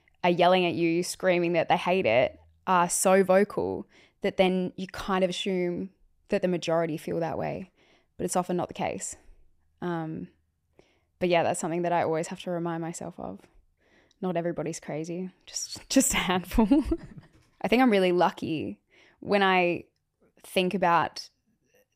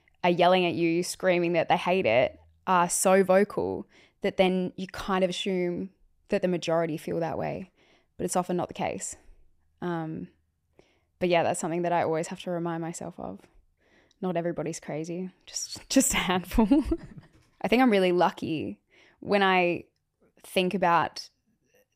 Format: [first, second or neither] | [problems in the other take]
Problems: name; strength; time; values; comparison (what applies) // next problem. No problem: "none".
neither | none